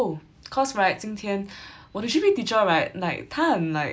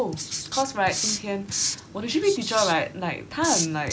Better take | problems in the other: first | background sound (Writing); 4 dB below the speech

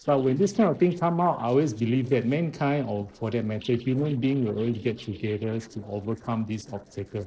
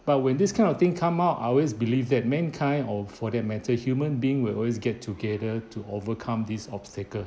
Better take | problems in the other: second | noise reduction (neural separator model SepFormer DNS4)

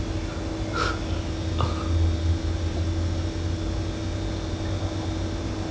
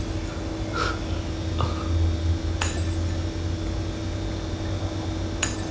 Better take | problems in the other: first | background sound (Shatter); 15 dB below the speech

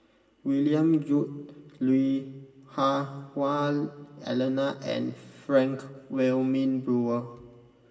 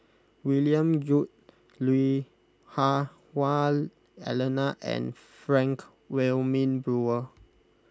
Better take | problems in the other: second | room echo; dies away in 1.7 s

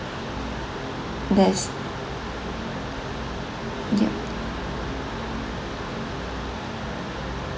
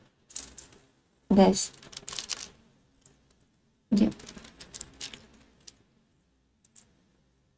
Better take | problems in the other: first | noise reduction (neural mask model RNNoise)

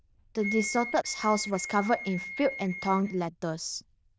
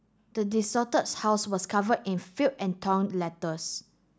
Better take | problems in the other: second | noise reduction (neural diffusion model UNIVERSE++)

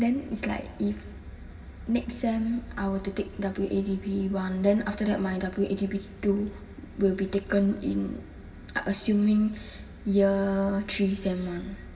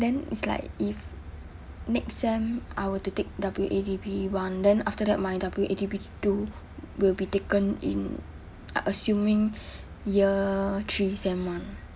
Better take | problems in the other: second | room echo; dies away in 2.2 s

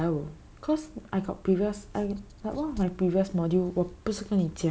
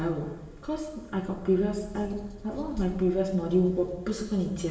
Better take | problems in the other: first | room echo; dies away in 1 s

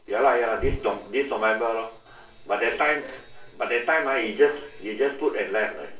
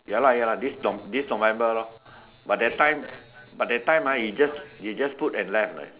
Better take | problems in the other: second | background sound (Bird); 12 dB below the speech // room echo; dies away in 0.3 s

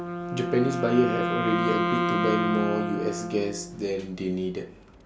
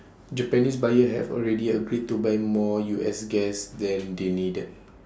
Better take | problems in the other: second | background sound (Wind instrument, woodwind instrument); 2 dB below the speech

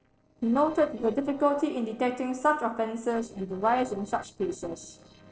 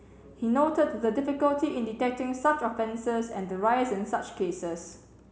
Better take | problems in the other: second | noise reduction (neural separator model SepFormer DNS4)

